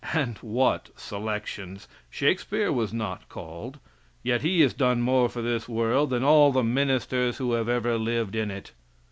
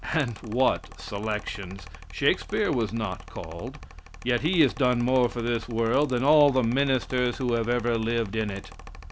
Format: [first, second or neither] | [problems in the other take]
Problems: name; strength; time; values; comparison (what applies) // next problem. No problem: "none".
first | background sound (Mechanical fan); 15 dB below the speech